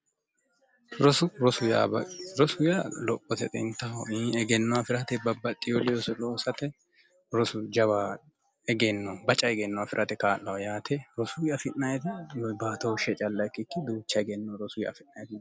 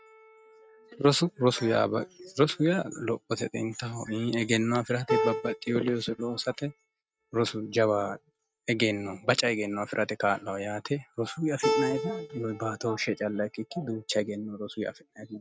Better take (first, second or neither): first